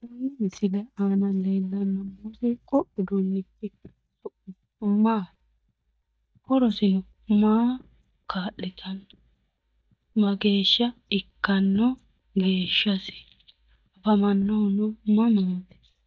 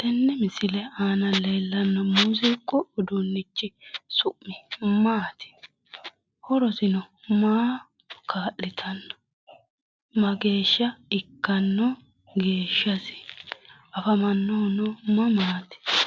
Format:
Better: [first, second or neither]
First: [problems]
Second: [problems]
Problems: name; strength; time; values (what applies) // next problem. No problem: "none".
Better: second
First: noise reduction (neural mask model DeepFilterNet 3)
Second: none